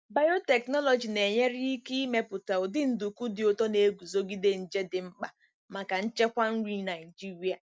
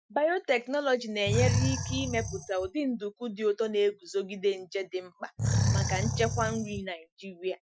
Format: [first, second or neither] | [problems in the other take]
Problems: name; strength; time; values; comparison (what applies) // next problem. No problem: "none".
first | noise reduction (classical method Wiener filter)